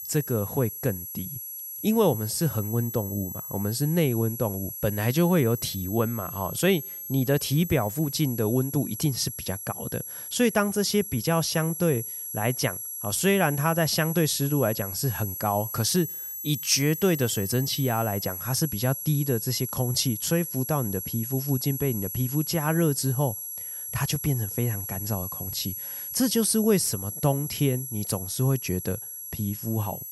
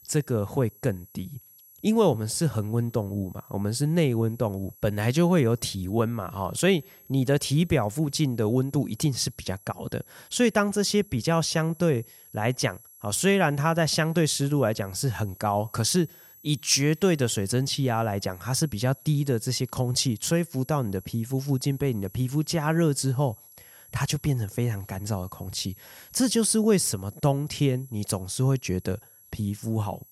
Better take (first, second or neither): second